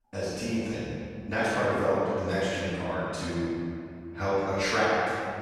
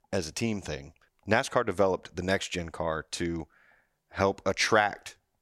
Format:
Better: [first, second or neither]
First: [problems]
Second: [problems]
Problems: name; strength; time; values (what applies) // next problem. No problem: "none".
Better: second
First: room echo; strong; dies away in 2.5 s // off-mic speech; far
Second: none